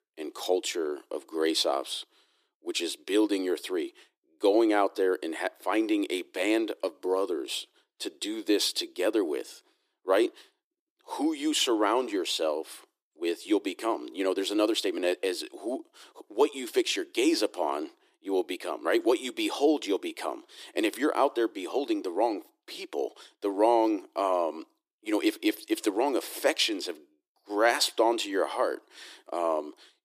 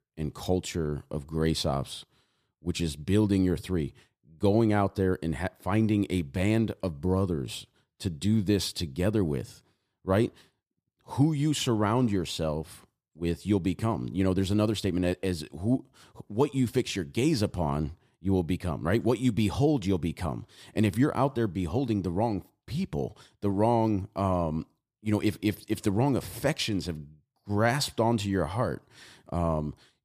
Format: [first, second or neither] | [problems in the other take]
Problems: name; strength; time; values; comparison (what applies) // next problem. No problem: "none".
second | thin; very; fading below 300 Hz